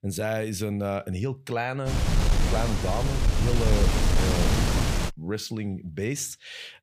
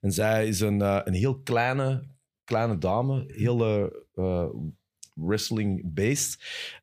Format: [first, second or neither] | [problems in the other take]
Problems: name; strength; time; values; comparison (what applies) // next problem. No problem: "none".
second | wind noise on the microphone; heavy; from 2 to 5 s; 2 dB above the speech